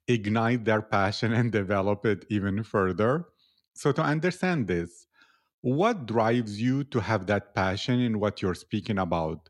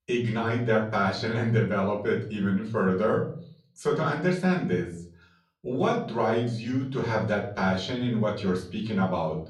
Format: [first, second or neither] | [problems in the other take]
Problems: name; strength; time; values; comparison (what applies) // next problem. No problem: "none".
first | off-mic speech; far // room echo; slight; dies away in 0.4 s